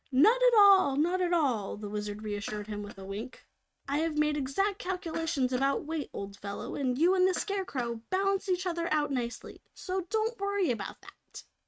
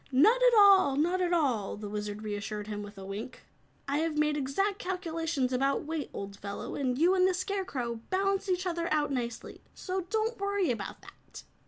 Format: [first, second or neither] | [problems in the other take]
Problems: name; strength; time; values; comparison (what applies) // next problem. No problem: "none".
second | noise reduction (neural mask model RNNoise)